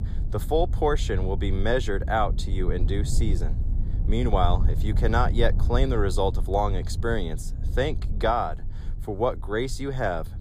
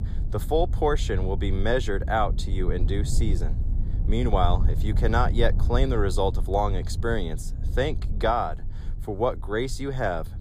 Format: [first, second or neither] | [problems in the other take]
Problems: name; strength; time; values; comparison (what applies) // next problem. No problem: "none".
neither | low rumble; noticeable; throughout; 15 dB below the speech; the same in both